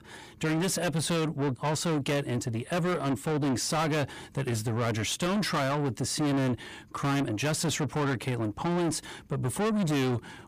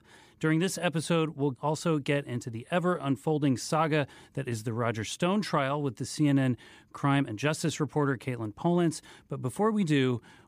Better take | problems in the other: second | distortion; heavy; 6 dB below the speech

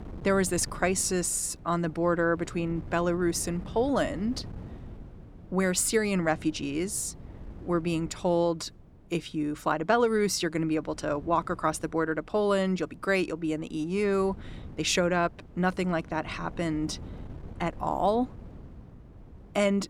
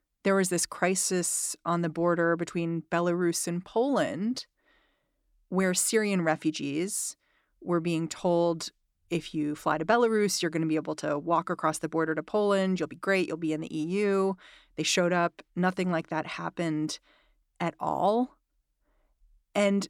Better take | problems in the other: second | wind noise on the microphone; occasional gusts; 25 dB below the speech

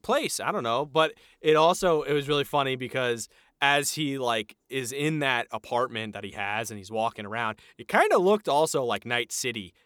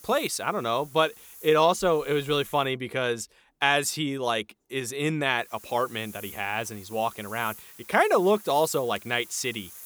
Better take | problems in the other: first | hiss; noticeable; until 2.5 s and from 5.5 s on; 20 dB below the speech

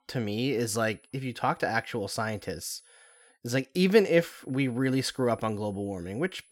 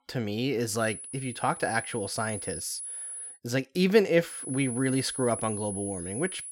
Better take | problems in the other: first | high-pitched whine; loud; from 1 to 3.5 s and from 4.5 s on; 10 kHz, 7 dB below the speech; faint in the first

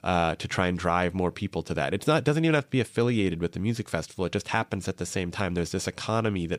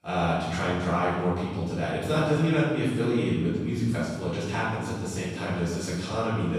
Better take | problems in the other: first | off-mic speech; far // room echo; strong; dies away in 1.5 s

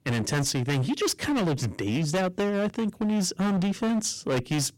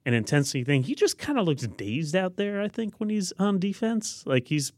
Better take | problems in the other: second | distortion; heavy; 27% of the sound clipped

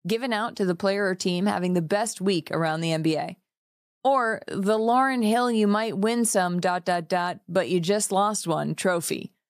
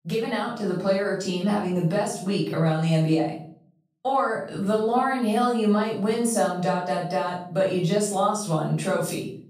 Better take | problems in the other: first | off-mic speech; far // room echo; noticeable; dies away in 0.5 s

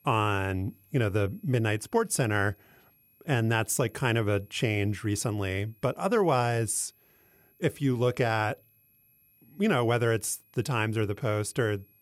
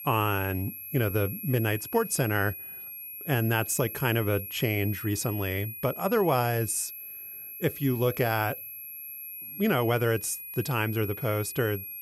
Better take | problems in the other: first | high-pitched whine; loud; throughout; 11.5 kHz, 9 dB below the speech; faint in the first

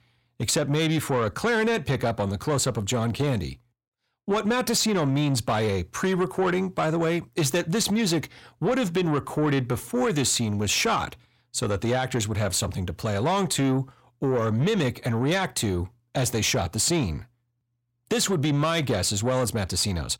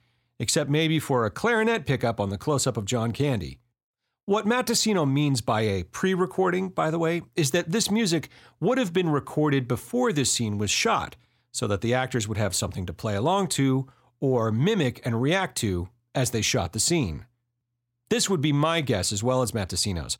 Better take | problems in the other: second | distortion; slight; 10 dB below the speech

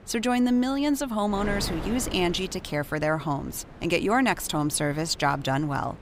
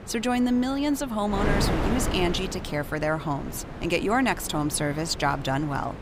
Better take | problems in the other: first | wind noise on the microphone; heavy; 8 dB below the speech; occasional gusts in the first

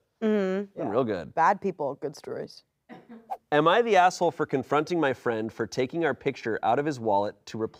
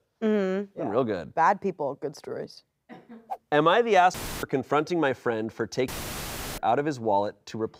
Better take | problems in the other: first | audio cutting out; filled with static; at 4 s and at 6 s for 0.5 s

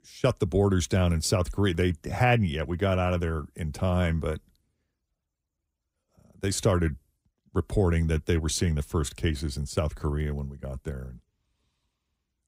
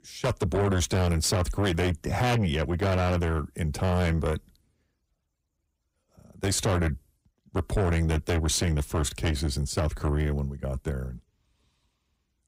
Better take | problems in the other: first | distortion; heavy; 7 dB below the speech

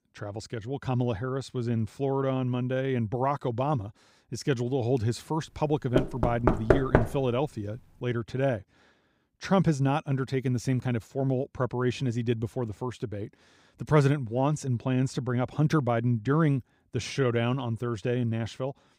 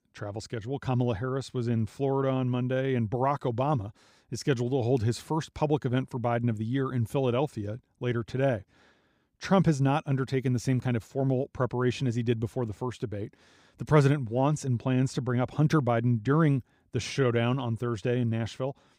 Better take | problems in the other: second | door banging; loud; from 6 to 7 s; peak 5 dB above the speech

